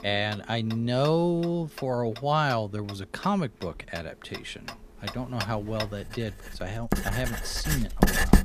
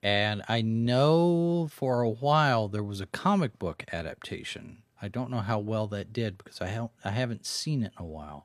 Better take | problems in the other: second | household noises; loud; throughout; 3 dB below the speech

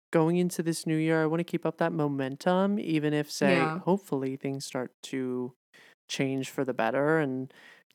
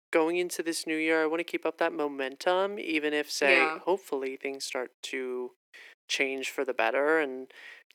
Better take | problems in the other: first | thin; somewhat; fading below 350 Hz

